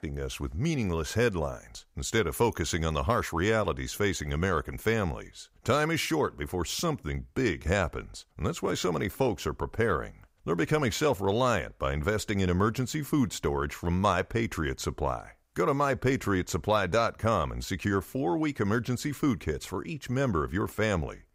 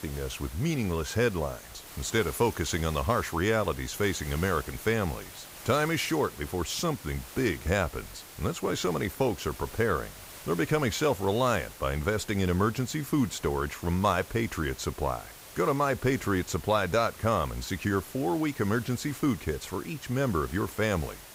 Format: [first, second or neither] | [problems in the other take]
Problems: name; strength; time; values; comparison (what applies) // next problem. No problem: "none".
first | hiss; noticeable; throughout; 15 dB below the speech